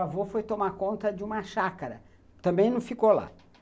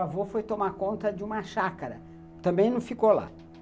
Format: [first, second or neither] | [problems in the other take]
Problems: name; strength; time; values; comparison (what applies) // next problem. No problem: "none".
first | background sound (Bowed string instrument); 20 dB below the speech